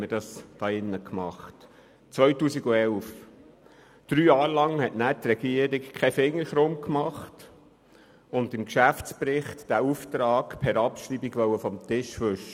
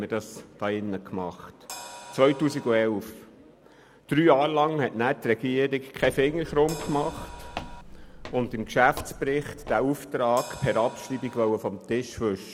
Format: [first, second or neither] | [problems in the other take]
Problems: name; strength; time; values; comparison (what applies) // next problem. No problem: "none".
first | background sound (Crash cymbal + Walk, footsteps); 14 dB below the speech